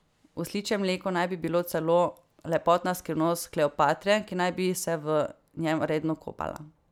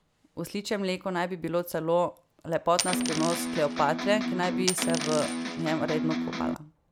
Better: first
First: none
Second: background sound (Coin (dropping) + Electric guitar); 1 dB below the speech

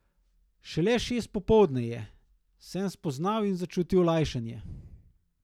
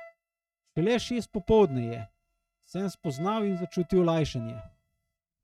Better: first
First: none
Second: noise reduction (neural mask model RNNoise)

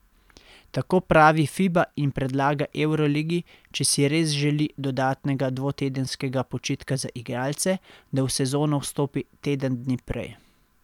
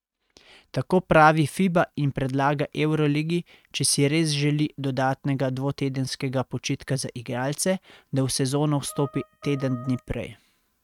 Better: first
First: none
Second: noise reduction (neural mask model RNNoise)

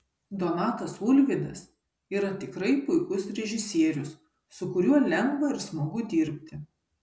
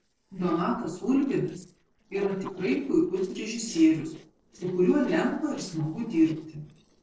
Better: first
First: none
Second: noise reduction (neural separator model SepFormer DNS4)

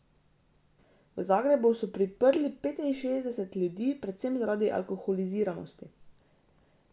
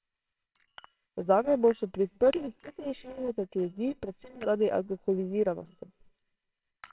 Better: first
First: none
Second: noise reduction (neural separator model SepFormer WHAMR!)

